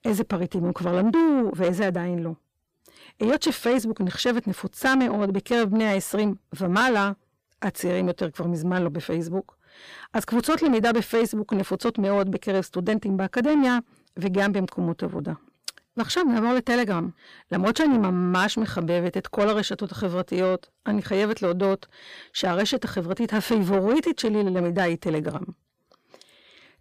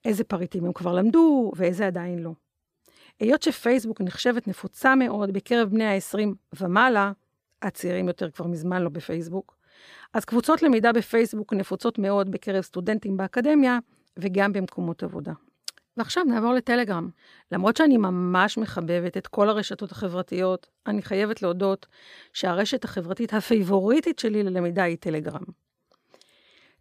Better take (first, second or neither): second